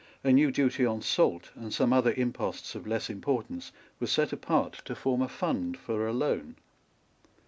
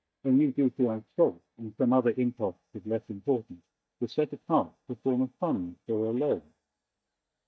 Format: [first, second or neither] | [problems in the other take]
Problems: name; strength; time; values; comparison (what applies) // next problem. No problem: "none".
first | noise reduction (neural mask model DeepFilterNet 3)